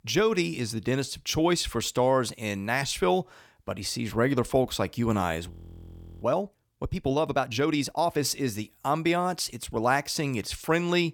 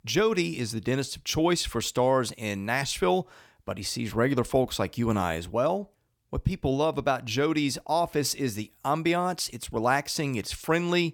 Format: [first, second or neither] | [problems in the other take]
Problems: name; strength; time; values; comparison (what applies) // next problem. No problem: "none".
second | audio freezing; at 5.5 s for 0.5 s